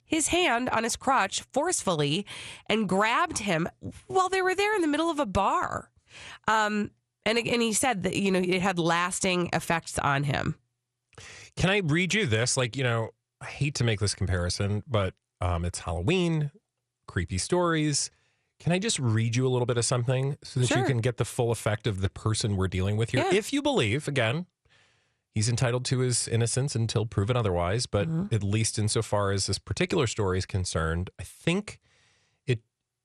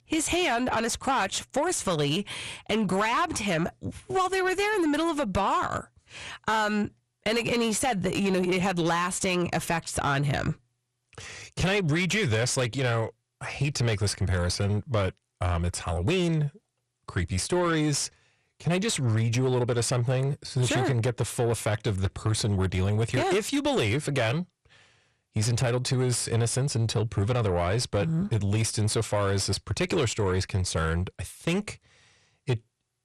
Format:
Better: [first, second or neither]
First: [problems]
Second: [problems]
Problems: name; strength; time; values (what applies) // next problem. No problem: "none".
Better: first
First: none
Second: distortion; slight; 10 dB below the speech